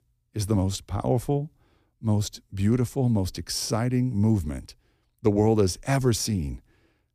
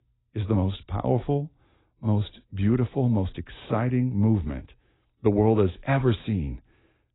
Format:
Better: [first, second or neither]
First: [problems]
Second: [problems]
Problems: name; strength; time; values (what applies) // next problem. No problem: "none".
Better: first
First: none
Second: garbled, watery; badly; nothing above 4 kHz